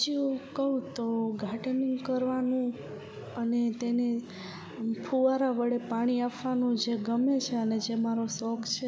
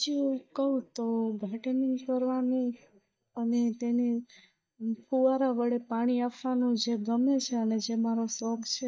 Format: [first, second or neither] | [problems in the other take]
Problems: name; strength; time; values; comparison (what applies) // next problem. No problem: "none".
first | noise reduction (neural mask model DeepFilterNet 3)